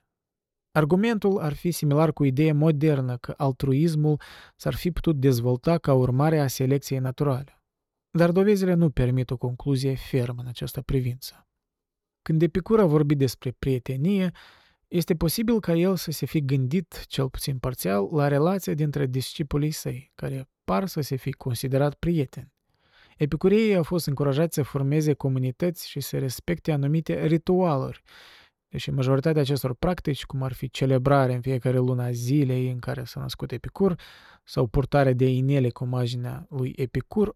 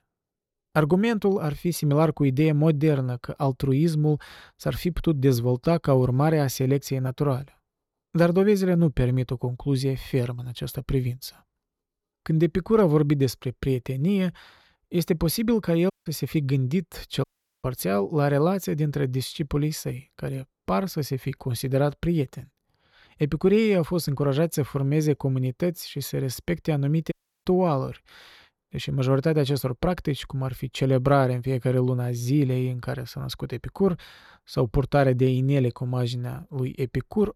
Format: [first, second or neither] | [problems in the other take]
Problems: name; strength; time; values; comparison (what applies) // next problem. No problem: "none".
first | audio cutting out; at 16 s, at 17 s and at 27 s